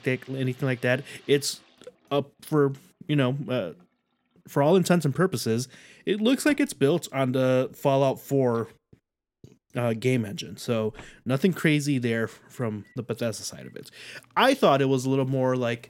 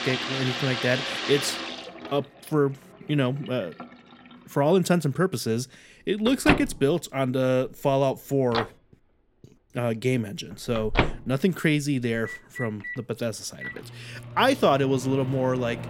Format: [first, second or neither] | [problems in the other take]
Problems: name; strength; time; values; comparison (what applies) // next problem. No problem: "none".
first | household noises; loud; throughout; 6 dB below the speech; faint in the first